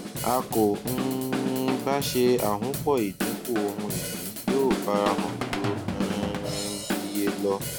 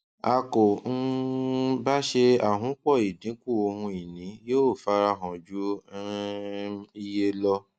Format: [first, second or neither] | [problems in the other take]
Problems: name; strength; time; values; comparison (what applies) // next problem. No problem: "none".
second | background sound (Drum / Drum kit); 3 dB below the speech